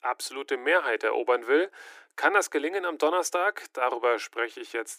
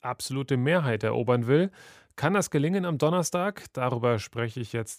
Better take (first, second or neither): second